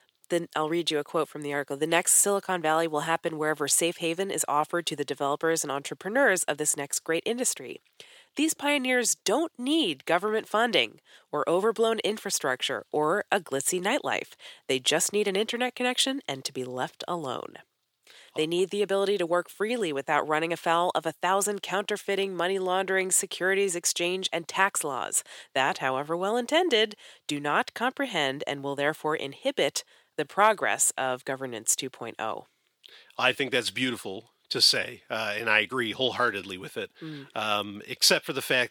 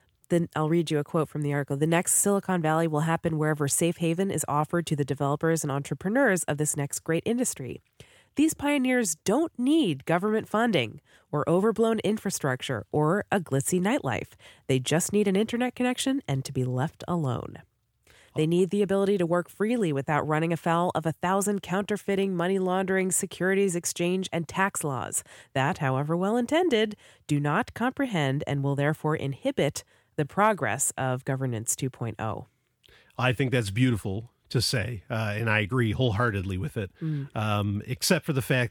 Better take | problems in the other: second | thin; somewhat; fading below 400 Hz

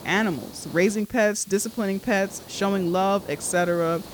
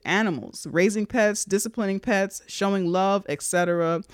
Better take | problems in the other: second | hiss; noticeable; throughout; 20 dB below the speech

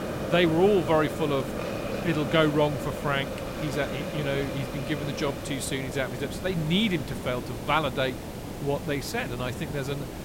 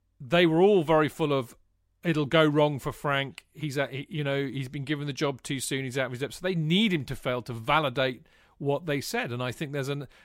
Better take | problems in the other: second | hiss; loud; throughout; 6 dB below the speech

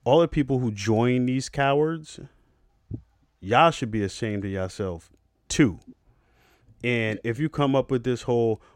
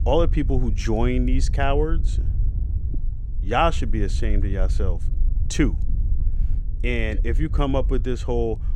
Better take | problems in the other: first | wind noise on the microphone; occasional gusts; 20 dB below the speech

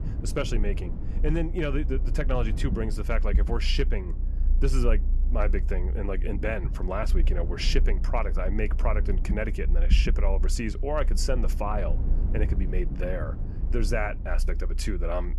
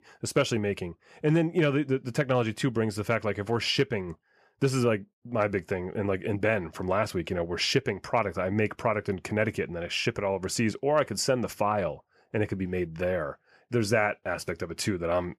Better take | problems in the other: second | low rumble; noticeable; throughout; 15 dB below the speech

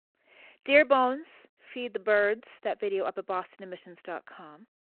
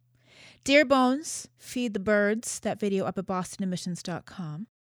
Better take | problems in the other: second | phone-call audio; nothing above 4 kHz

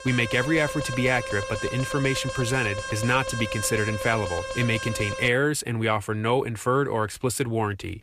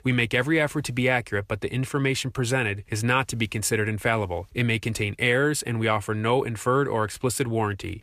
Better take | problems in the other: second | alarm; noticeable; until 5.5 s; peak 6 dB below the speech

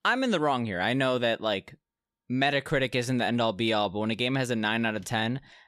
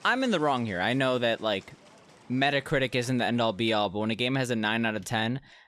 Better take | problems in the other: first | animal sounds; faint; throughout; 30 dB below the speech

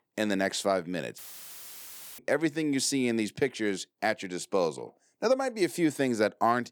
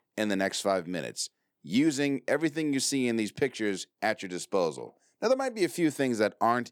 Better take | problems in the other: second | audio cutting out; filled with static; at 1 s for 1 s

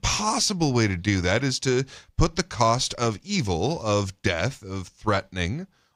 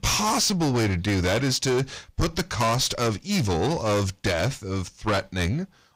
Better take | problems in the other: first | distortion; heavy; 6 dB below the speech

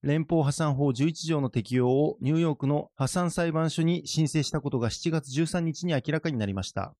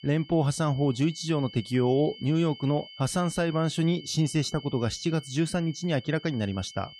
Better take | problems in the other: first | high-pitched whine; noticeable; throughout; 3 kHz, 20 dB below the speech

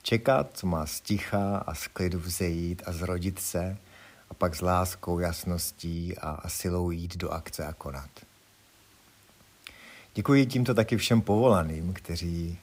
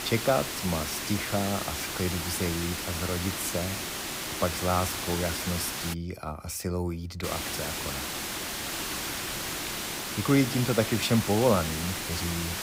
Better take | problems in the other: first | hiss; loud; until 6 s and from 7 s on; 2 dB below the speech; faint in the first

